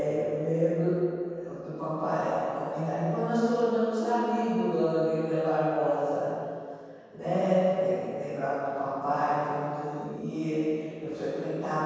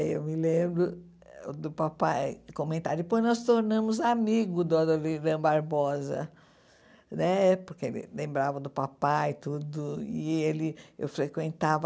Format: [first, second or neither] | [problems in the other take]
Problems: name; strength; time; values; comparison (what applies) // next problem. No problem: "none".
second | room echo; dies away in 2.2 s